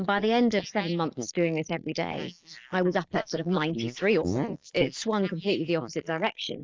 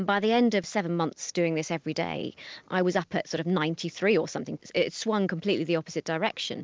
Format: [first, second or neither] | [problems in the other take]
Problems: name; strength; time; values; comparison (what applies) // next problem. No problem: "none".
second | noise reduction (neural mask model Resemble Enhance denoiser)